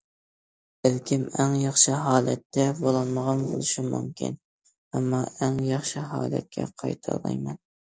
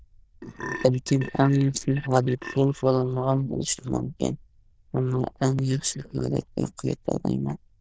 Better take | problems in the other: first | noise reduction (neural diffusion model UNIVERSE++)

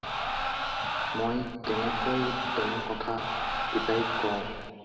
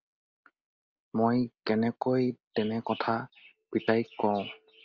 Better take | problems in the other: second | background sound (Crowd); 1 dB above the speech // room echo; dies away in 2.1 s

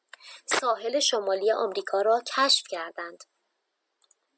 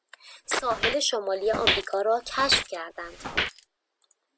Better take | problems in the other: first | background sound (Walk, footsteps); 3 dB below the speech

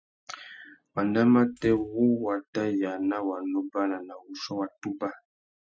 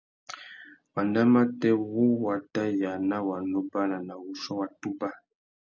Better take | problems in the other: second | noise reduction (classical method Wiener filter)

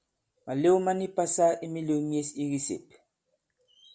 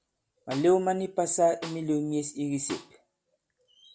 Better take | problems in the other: first | background sound (Snare drum); 19 dB below the speech

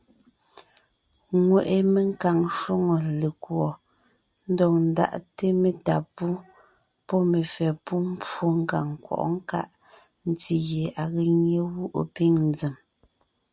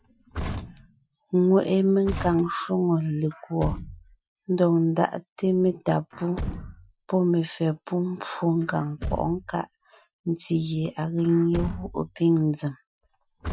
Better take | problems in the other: first | noise reduction (classical method Wiener filter)

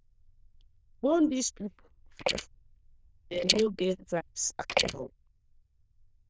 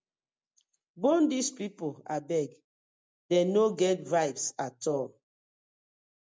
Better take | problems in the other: second | noise reduction (neural diffusion model UNIVERSE++)

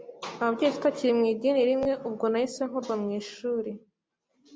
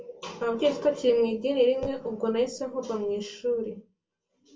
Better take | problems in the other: first | room echo; dies away in 0.2 s

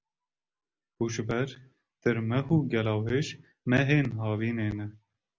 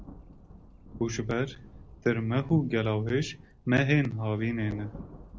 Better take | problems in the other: first | background sound (Thunder); 18 dB below the speech

